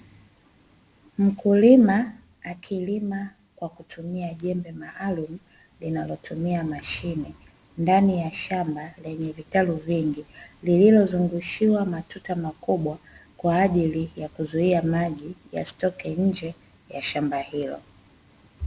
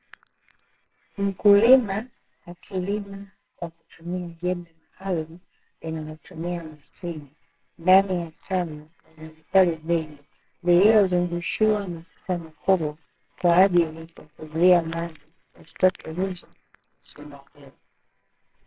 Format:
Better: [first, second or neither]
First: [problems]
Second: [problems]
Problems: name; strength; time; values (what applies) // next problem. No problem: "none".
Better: first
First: none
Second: noise reduction (neural separator model SepFormer WHAMR!)